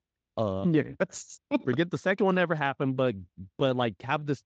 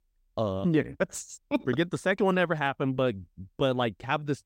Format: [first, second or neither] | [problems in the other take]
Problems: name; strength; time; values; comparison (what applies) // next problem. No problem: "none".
second | garbled, watery; slightly; nothing above 7.5 kHz